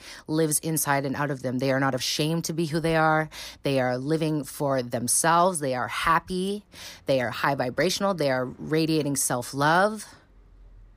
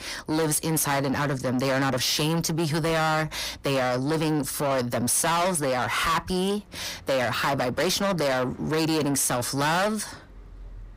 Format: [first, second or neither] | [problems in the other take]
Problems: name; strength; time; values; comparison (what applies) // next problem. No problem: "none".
first | distortion; heavy; 6 dB below the speech